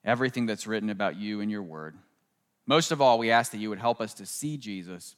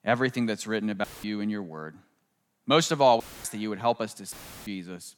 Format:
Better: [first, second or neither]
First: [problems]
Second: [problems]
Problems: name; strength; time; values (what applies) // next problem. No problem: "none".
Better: first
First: none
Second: audio cutting out; filled with static; at 1 s, at 3 s and at 4.5 s